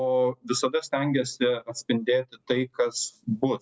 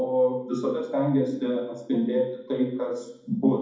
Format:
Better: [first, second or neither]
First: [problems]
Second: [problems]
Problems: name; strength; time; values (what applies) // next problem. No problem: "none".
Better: first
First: none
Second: room echo; dies away in 1.2 s